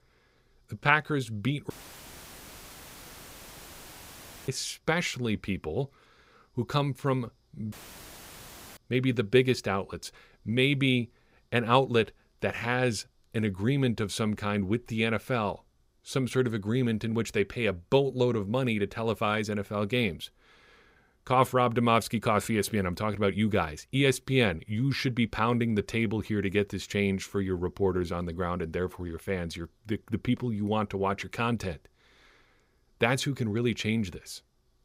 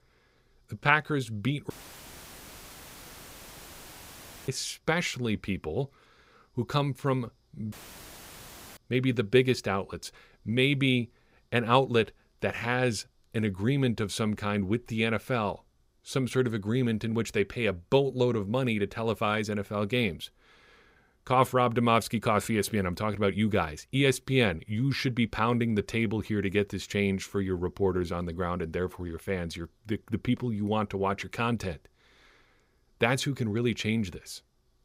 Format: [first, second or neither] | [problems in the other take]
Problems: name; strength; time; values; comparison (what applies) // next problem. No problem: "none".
neither | audio cutting out; filled with static; at 1.5 s for 3 s and at 7.5 s for 1 s; the same in both